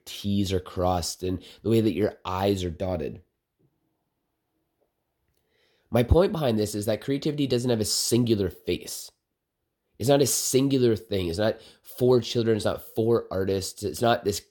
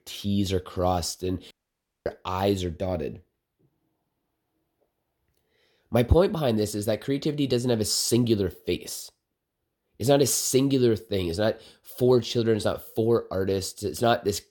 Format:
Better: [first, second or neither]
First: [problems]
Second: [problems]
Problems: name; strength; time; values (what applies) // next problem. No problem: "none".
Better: first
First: none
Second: audio cutting out; at 1.5 s for 0.5 s